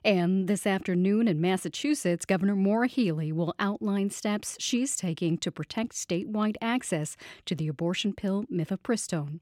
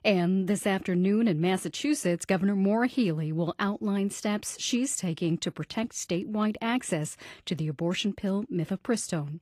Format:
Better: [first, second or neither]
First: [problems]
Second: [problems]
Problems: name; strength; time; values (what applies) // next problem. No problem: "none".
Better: first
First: none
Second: garbled, watery; slightly